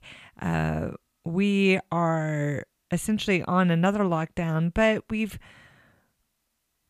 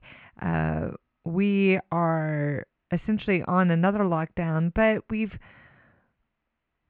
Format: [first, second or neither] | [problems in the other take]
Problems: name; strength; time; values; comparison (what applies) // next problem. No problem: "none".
first | muffled; very; fading above 2.5 kHz